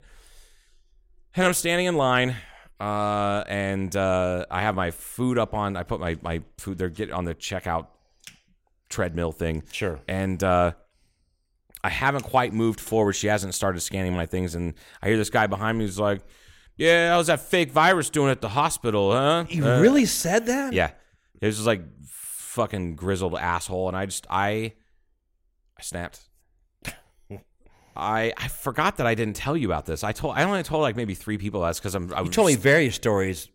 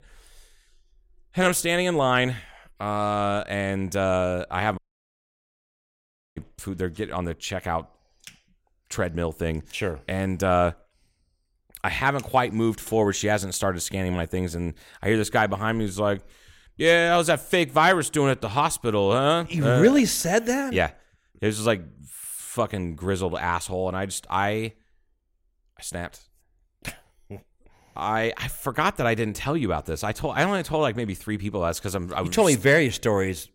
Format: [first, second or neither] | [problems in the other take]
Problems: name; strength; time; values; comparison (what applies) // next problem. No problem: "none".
first | audio cutting out; at 5 s for 1.5 s